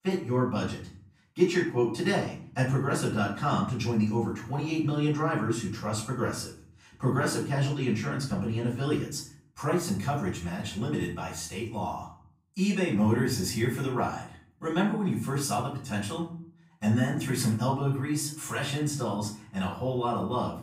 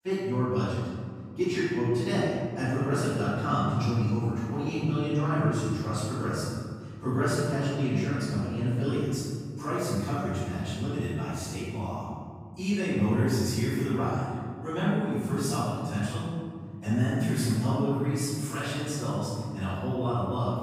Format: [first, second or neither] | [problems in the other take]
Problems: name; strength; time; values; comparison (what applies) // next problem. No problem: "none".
first | room echo; strong; dies away in 2.7 s; slight in the first // off-mic speech; far; far in the first